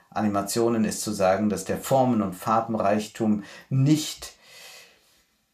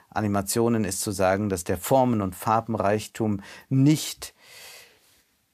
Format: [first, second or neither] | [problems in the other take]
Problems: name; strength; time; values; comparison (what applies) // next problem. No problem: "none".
second | room echo; very slight; dies away in 0.3 s